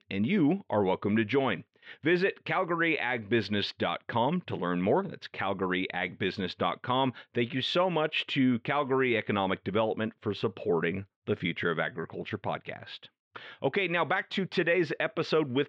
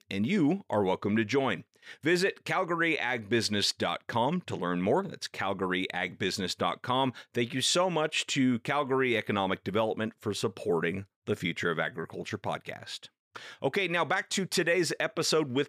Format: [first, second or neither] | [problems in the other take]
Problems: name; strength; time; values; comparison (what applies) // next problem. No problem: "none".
second | muffled; slightly; fading above 3 kHz